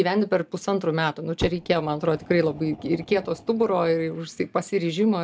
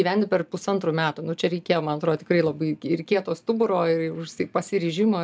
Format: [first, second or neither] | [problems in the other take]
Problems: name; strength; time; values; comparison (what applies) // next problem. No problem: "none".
second | background sound (Fire); 16 dB below the speech